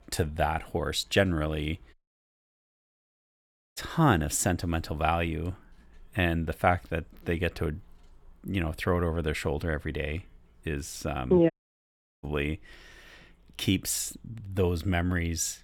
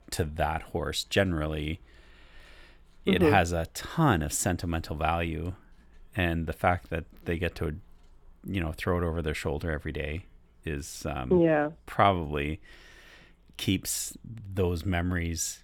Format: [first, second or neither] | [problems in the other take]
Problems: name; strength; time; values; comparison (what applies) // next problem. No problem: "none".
second | audio cutting out; at 2 s for 2 s and at 12 s for 0.5 s